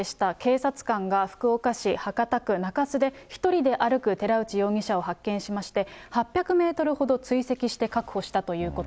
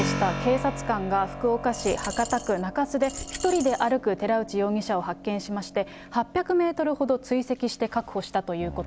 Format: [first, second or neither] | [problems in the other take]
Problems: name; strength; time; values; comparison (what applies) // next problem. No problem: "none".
first | background sound (Keyboard (musical) + Coin (dropping)); 10 dB below the speech